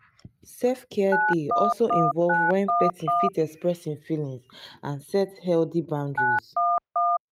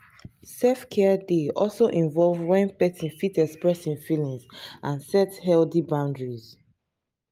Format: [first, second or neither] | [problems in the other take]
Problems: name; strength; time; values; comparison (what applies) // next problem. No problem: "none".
second | noise reduction (neural mask model RNNoise)